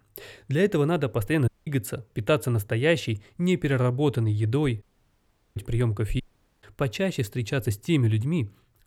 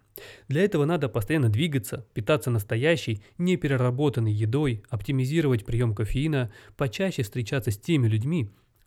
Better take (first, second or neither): second